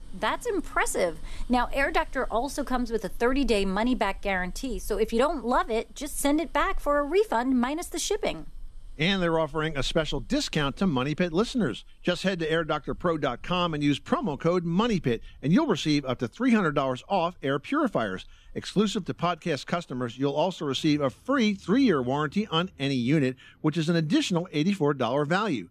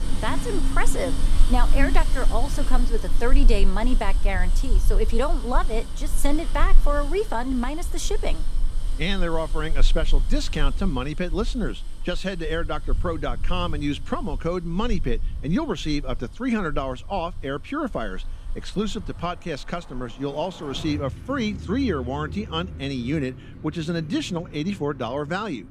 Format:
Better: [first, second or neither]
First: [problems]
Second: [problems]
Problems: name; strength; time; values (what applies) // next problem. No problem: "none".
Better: first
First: traffic noise; faint; throughout; 25 dB below the speech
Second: traffic noise; loud; throughout; 2 dB below the speech